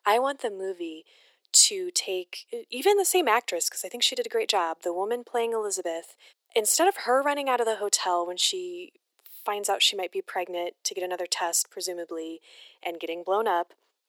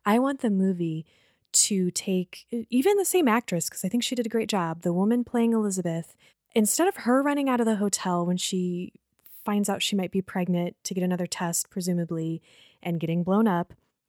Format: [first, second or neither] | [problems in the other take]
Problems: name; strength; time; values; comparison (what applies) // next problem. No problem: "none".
second | thin; very; fading below 350 Hz